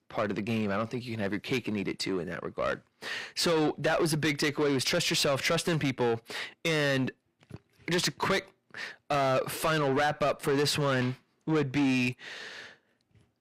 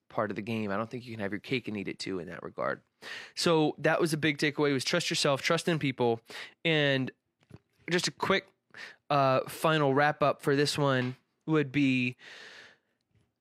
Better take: second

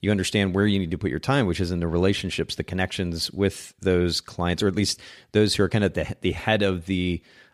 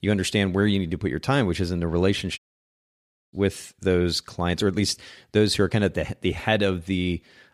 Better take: first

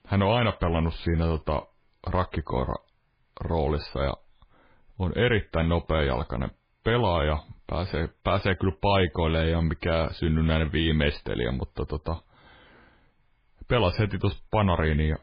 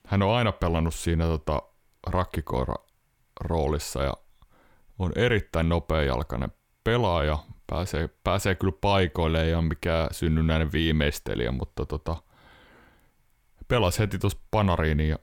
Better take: second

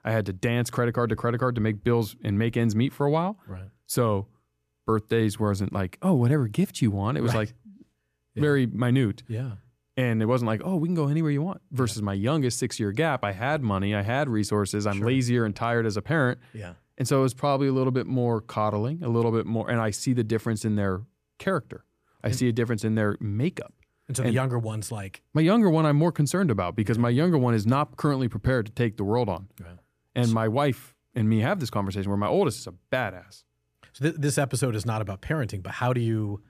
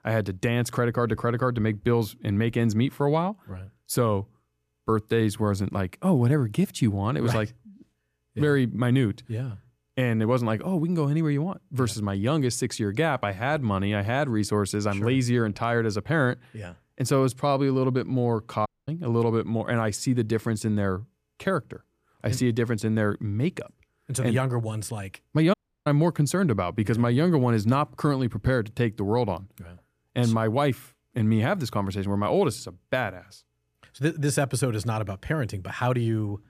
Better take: first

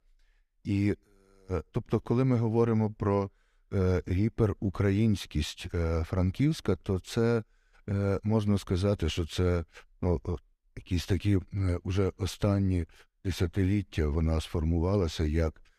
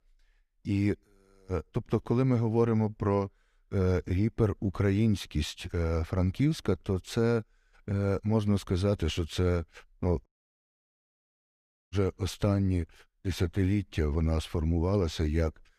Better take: first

